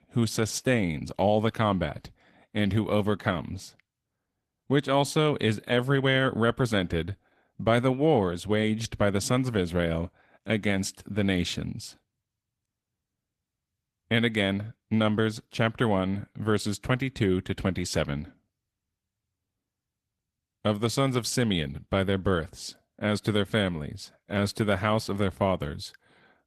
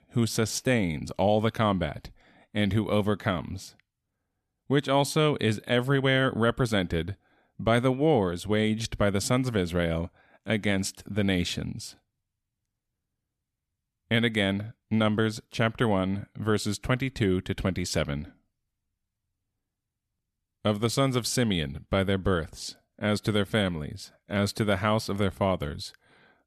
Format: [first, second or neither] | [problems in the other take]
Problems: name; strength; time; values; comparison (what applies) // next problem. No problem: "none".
second | garbled, watery; slightly; nothing above 13.5 kHz